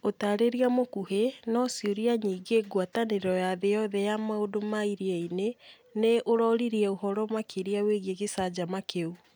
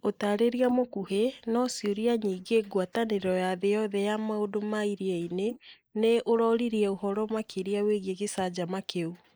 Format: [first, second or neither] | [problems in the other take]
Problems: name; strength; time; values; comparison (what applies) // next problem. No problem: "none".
first | noise reduction (neural mask model Resemble Enhance denoiser)